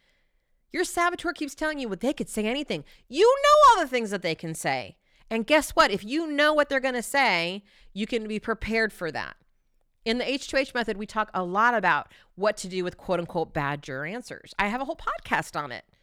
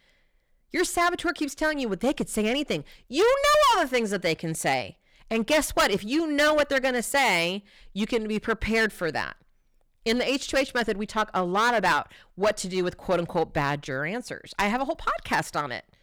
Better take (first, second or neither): first